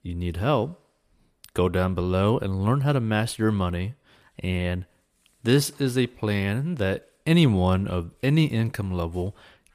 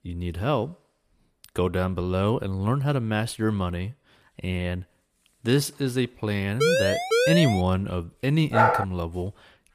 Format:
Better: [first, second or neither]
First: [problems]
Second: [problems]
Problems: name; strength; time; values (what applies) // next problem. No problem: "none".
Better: first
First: none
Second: siren; loud; from 6.5 to 7.5 s; peak 5 dB above the speech // dog barking; loud; at 8.5 s; peak 6 dB above the speech